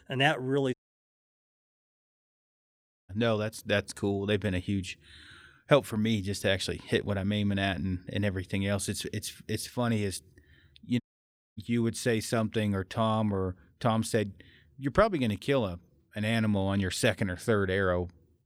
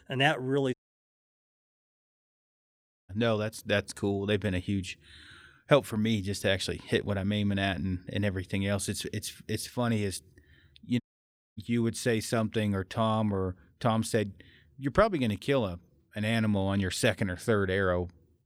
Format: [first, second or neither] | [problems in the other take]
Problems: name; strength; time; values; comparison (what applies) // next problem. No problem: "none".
neither | audio cutting out; at 0.5 s for 2.5 s and at 11 s for 0.5 s; the same in both